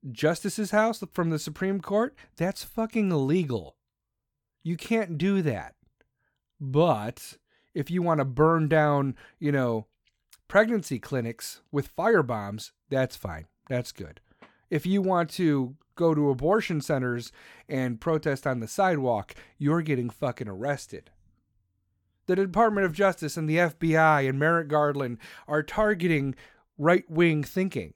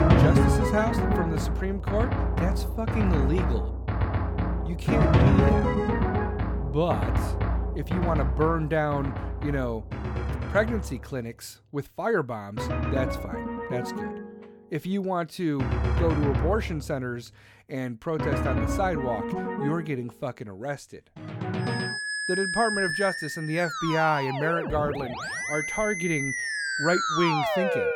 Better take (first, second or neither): first